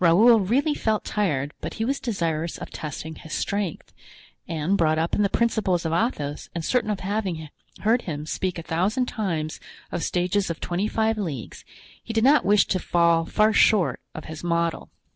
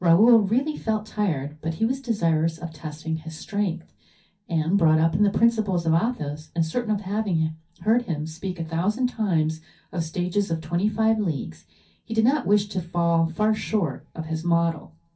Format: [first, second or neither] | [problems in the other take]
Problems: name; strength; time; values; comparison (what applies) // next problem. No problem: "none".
first | room echo; dies away in 0.3 s